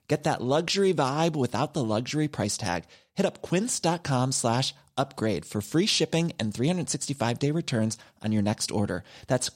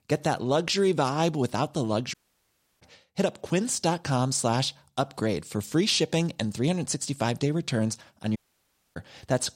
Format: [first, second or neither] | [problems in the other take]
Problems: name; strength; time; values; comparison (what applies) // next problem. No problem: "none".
first | audio cutting out; at 2 s for 0.5 s and at 8.5 s for 0.5 s